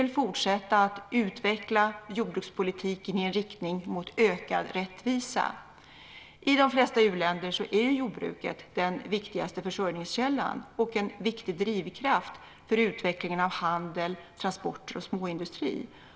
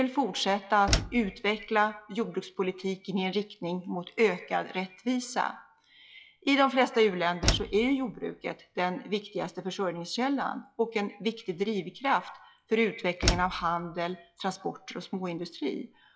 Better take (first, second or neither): first